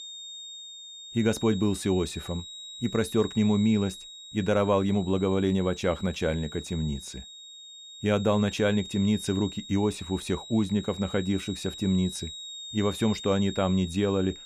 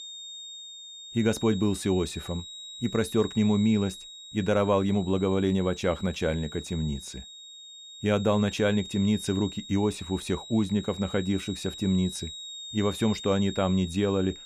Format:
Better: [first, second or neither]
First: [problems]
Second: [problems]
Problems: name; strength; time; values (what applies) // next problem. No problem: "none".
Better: neither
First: high-pitched whine; noticeable; throughout; 4 kHz, 15 dB below the speech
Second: high-pitched whine; noticeable; throughout; 4 kHz, 15 dB below the speech